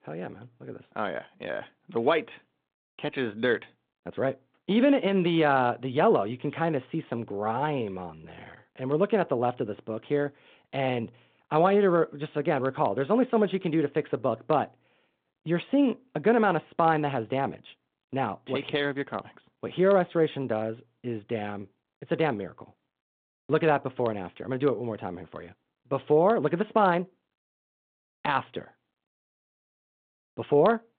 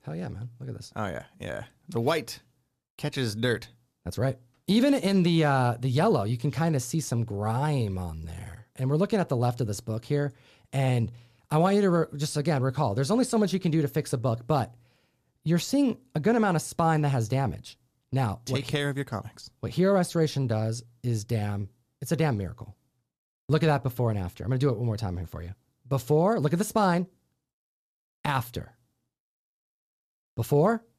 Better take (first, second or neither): second